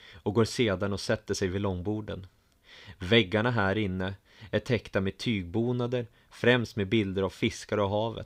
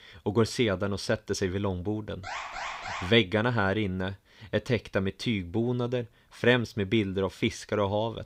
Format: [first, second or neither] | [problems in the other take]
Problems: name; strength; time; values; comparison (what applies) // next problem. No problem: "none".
first | alarm; noticeable; at 2 s; peak 7 dB below the speech